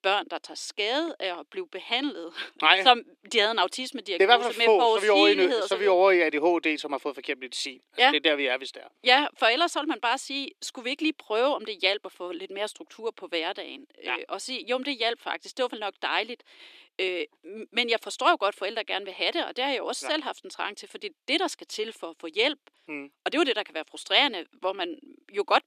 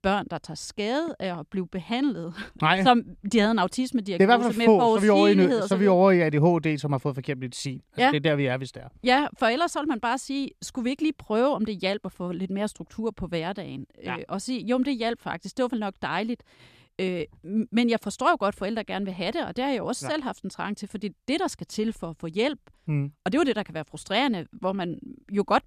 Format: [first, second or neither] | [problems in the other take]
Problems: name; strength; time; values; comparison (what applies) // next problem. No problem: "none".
second | thin; somewhat; fading below 300 Hz